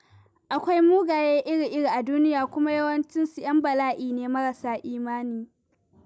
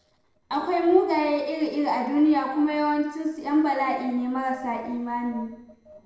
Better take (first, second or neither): first